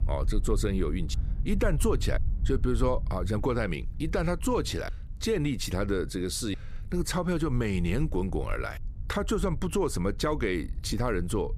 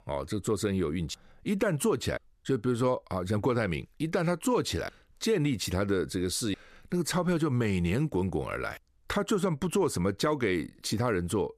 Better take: second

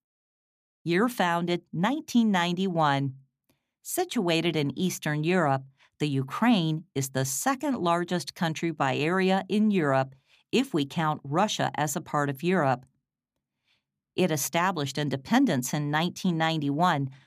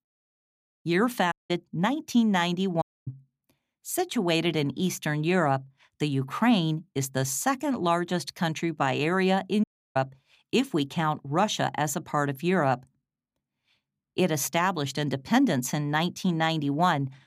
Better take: first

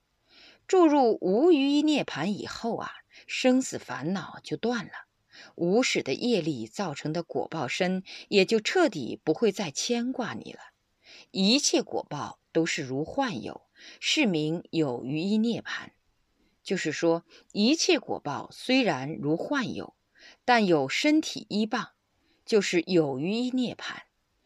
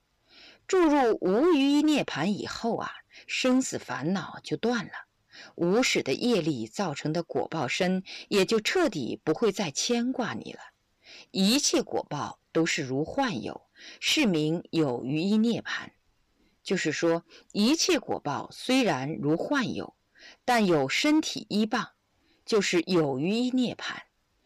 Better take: first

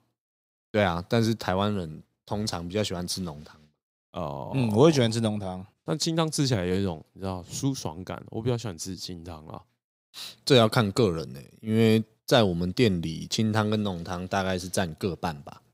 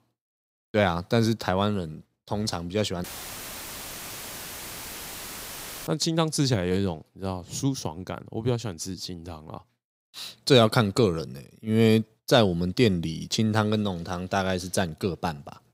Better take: first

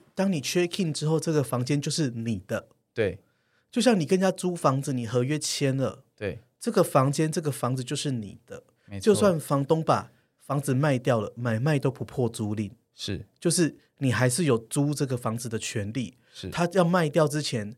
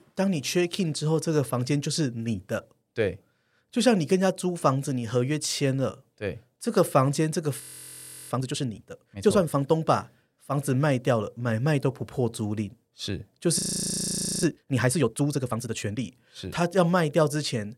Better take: first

